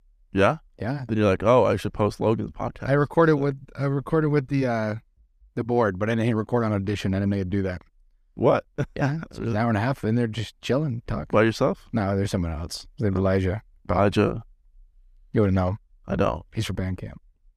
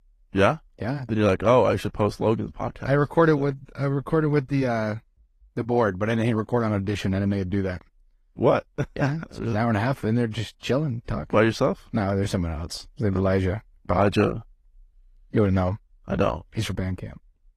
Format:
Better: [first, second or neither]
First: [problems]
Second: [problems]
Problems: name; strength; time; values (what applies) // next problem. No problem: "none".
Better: first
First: none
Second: garbled, watery; slightly; nothing above 14.5 kHz